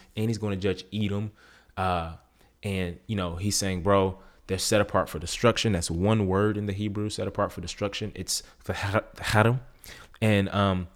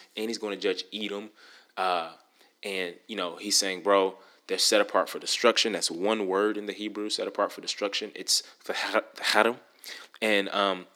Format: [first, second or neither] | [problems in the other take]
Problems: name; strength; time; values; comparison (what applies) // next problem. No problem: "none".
first | thin; somewhat; fading below 250 Hz